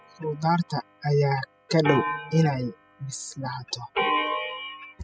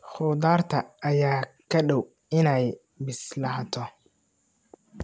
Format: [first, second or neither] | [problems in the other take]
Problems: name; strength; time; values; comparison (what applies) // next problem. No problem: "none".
second | noise reduction (classical method spectral subtraction)